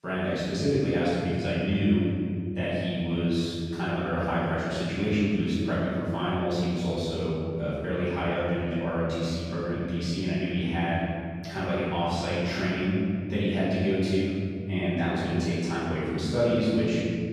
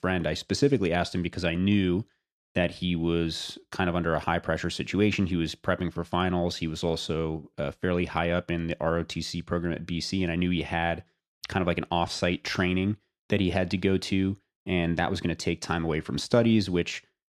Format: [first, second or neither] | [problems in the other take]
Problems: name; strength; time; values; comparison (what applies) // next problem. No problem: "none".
second | room echo; strong; dies away in 2.8 s // off-mic speech; far